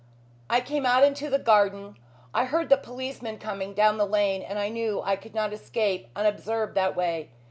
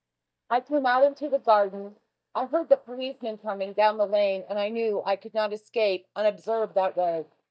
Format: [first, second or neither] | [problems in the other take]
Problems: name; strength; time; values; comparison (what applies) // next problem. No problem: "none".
first | noise reduction (neural mask model DeepFilterNet 3)